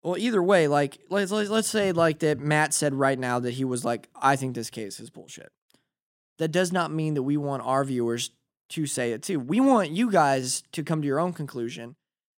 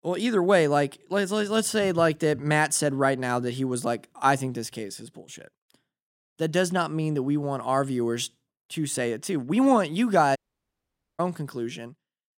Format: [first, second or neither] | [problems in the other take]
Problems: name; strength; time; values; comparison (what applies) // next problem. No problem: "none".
first | audio cutting out; at 10 s for 1 s